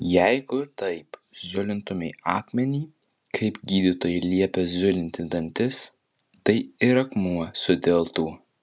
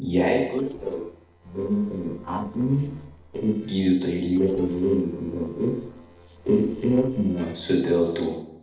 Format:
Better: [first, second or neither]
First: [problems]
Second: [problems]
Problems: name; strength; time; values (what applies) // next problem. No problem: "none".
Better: first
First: none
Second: noise reduction (neural separator model SepFormer DNS4)